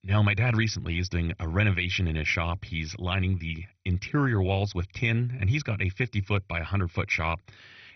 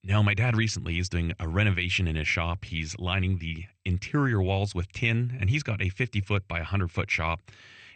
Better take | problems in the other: second | garbled, watery; badly; nothing above 6 kHz; slightly in the second

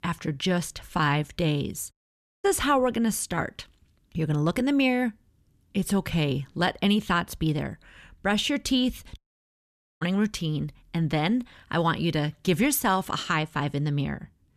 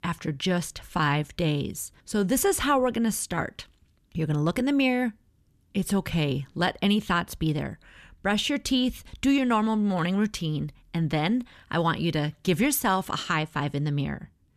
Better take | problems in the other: second | audio cutting out; at 2 s for 0.5 s and at 9 s for 1 s

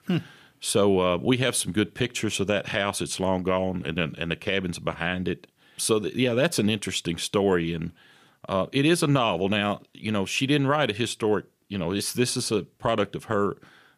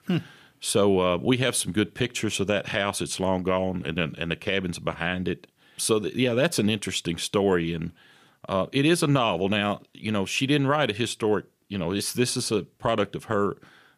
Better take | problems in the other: neither | none

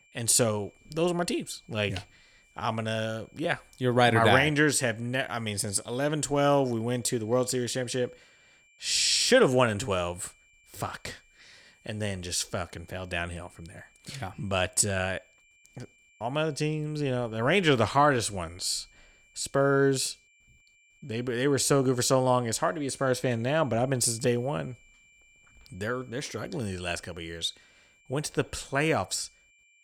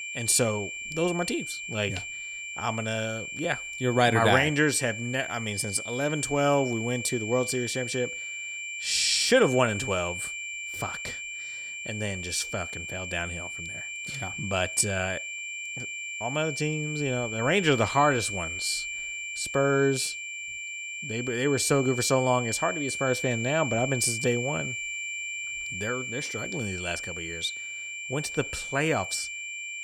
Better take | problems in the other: first | high-pitched whine; loud; throughout; 2.5 kHz, 6 dB below the speech; faint in the first

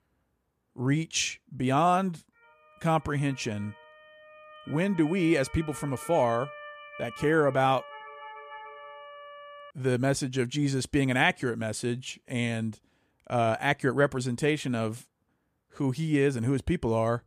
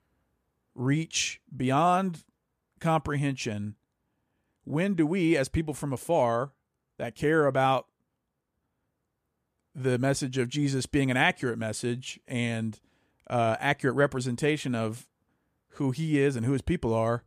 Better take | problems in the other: second | siren; faint; from 2.5 to 9.5 s; peak 15 dB below the speech

